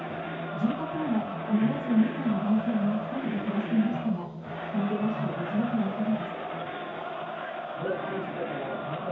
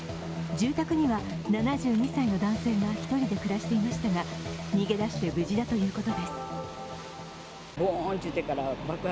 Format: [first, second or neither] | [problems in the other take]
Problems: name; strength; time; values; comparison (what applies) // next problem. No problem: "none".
second | background sound (Crowd); 6 dB below the speech // room echo; dies away in 0.6 s